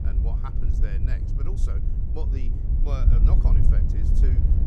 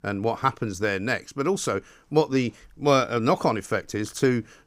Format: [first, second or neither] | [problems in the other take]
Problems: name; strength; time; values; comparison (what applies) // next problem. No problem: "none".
second | wind noise on the microphone; heavy; 1 dB above the speech